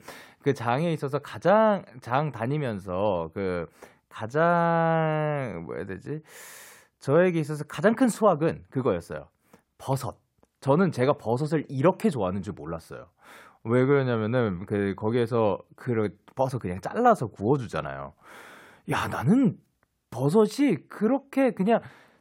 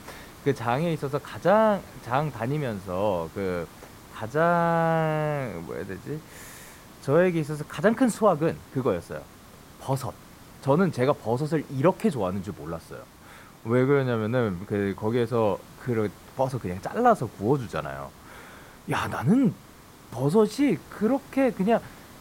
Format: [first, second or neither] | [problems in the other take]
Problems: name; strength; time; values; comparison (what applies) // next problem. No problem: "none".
first | hiss; faint; throughout; 20 dB below the speech